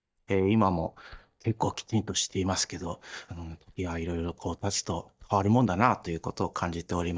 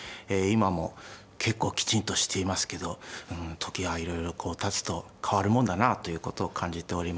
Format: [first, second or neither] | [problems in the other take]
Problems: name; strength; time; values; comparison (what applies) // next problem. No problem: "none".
second | noise reduction (neural mask model DeepFilterNet 3)